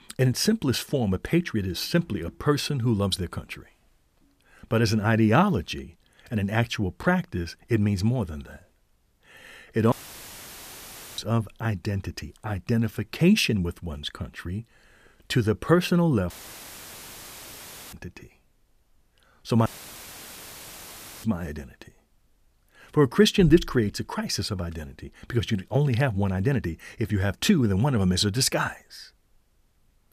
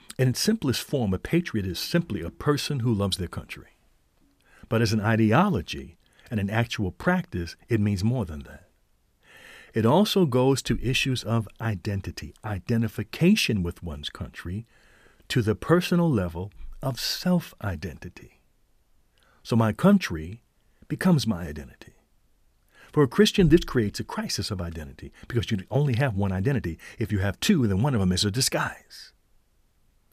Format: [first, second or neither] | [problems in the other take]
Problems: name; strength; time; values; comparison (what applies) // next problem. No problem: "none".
second | audio cutting out; filled with static; at 10 s for 1.5 s, at 16 s for 1.5 s and at 20 s for 1.5 s